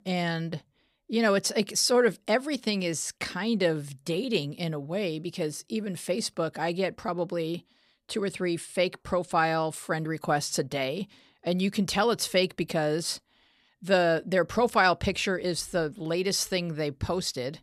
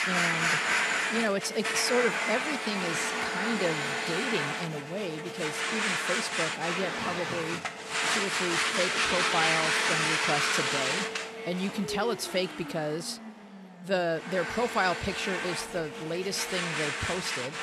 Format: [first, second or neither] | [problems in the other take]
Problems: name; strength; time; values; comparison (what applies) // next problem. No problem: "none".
first | household noises; very loud; throughout; 4 dB above the speech